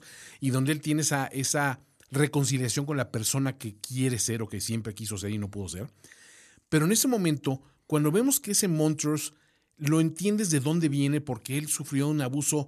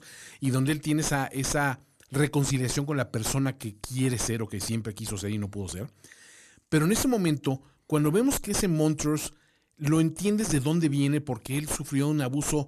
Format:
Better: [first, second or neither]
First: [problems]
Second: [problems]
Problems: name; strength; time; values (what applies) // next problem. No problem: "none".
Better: first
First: none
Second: distortion; slight; 7 dB below the speech